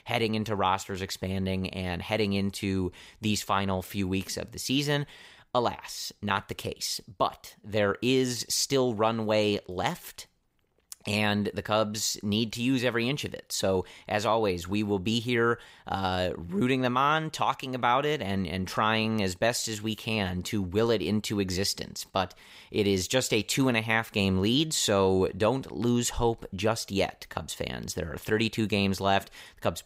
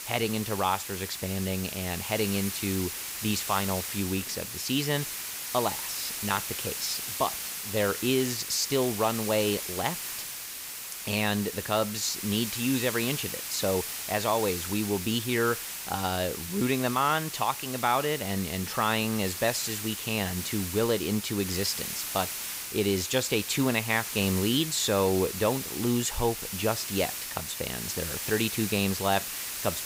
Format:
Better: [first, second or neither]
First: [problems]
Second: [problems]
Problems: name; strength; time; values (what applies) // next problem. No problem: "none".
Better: first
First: none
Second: hiss; loud; throughout; 4 dB below the speech